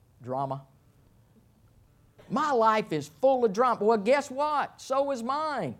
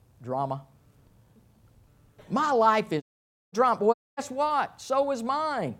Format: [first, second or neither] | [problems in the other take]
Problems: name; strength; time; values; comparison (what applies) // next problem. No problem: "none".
first | audio cutting out; at 3 s for 0.5 s and at 4 s